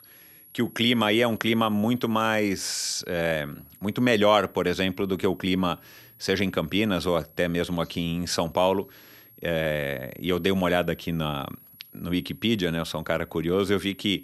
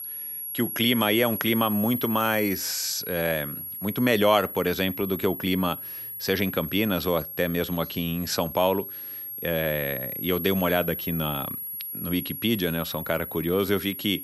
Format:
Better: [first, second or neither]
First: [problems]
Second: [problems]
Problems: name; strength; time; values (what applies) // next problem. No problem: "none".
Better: first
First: high-pitched whine; faint; throughout; 11.5 kHz, 25 dB below the speech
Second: high-pitched whine; loud; throughout; 11.5 kHz, 7 dB below the speech